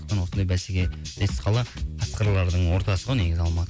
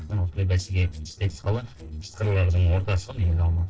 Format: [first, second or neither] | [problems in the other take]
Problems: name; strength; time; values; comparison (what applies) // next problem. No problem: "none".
first | noise reduction (neural separator model SepFormer DNS4)